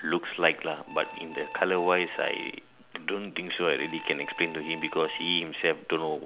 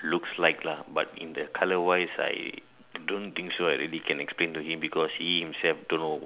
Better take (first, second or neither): second